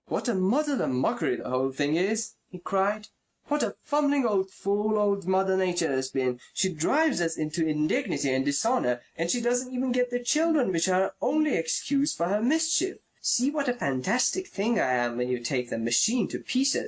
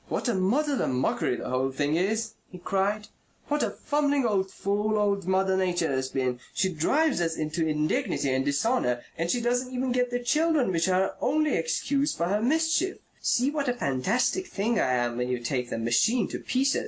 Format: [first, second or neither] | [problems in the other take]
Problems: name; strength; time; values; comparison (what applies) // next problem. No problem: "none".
second | noise reduction (neural mask model RNNoise)